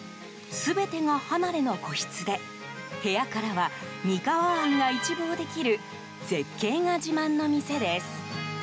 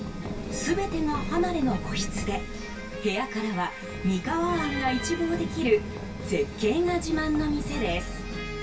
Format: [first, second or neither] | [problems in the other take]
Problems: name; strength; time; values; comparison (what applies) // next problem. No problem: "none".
first | background sound (Run); 6 dB below the speech // room echo; dies away in 0.2 s